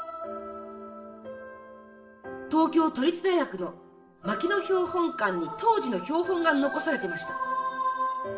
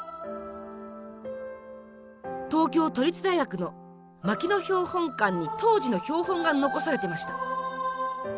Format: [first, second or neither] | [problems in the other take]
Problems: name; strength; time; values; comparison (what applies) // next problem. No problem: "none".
second | room echo; dies away in 1.3 s